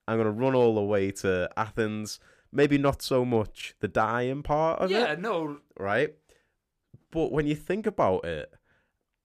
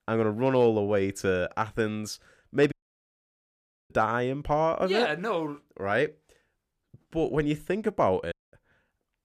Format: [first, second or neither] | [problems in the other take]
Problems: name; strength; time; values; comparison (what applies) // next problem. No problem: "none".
first | audio cutting out; at 2.5 s for 1 s and at 8.5 s